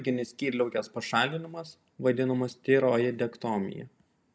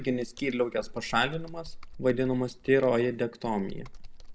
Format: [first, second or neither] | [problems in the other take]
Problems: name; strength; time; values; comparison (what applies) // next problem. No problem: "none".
first | background sound (Computer keyboard); 13 dB below the speech